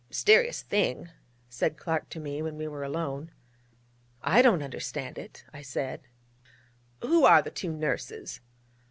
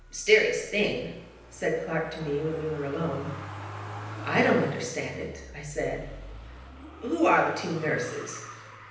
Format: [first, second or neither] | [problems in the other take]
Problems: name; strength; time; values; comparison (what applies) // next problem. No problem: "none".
first | background sound (Motor vehicle (road)); 13 dB below the speech // room echo; dies away in 0.9 s